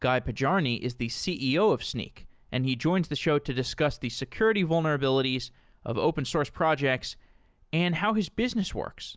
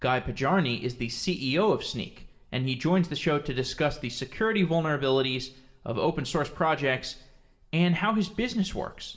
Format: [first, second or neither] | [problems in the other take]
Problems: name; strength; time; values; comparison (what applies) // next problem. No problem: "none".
first | room echo; dies away in 0.6 s